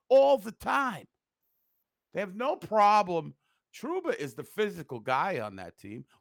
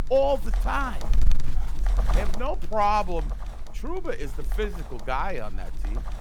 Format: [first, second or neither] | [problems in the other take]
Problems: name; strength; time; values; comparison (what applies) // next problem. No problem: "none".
first | wind noise on the microphone; occasional gusts; 15 dB below the speech